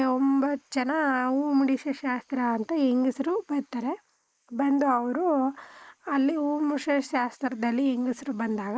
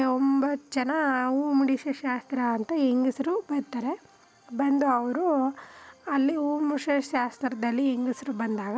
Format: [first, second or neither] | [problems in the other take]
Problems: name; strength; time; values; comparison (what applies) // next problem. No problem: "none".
second | noise reduction (neural mask model Resemble Enhance denoiser)